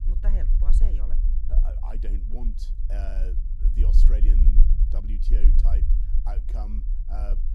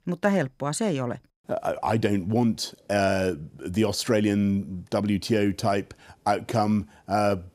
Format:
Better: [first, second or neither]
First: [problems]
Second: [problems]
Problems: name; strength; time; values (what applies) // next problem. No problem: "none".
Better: second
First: low rumble; loud; throughout; 3 dB below the speech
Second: none